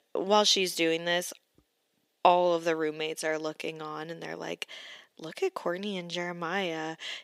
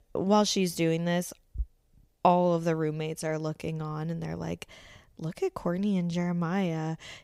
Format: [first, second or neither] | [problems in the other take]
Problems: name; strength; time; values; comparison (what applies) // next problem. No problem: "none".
second | thin; somewhat; fading below 300 Hz